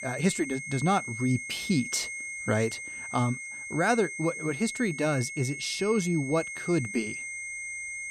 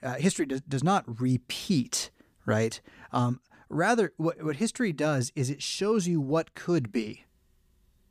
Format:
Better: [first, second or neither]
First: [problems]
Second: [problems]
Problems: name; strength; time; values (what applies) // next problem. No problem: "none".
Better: second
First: high-pitched whine; loud; throughout; 2 kHz, 7 dB below the speech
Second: none